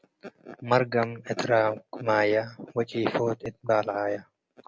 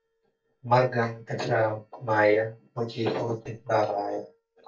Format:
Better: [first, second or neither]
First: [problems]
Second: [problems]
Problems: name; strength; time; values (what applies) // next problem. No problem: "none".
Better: first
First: none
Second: noise reduction (neural mask model DeepFilterNet 3)